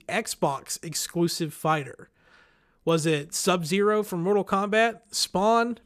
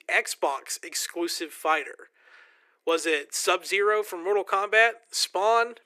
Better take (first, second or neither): first